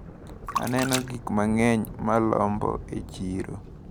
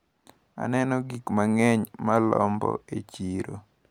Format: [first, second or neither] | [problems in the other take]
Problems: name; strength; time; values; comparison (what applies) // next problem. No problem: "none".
second | background sound (Thunder + Splash, splatter); 10 dB below the speech